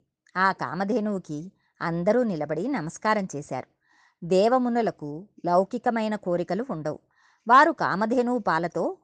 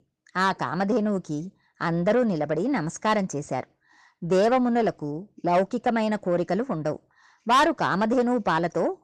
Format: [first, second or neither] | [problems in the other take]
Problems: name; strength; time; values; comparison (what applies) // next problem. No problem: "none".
first | distortion; slight; 10 dB below the speech